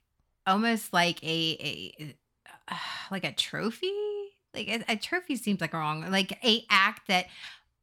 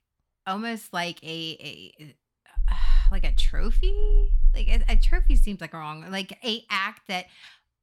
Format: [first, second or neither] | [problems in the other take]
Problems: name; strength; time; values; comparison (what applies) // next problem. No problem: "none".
first | low rumble; faint; from 2.5 to 5.5 s; 25 dB below the speech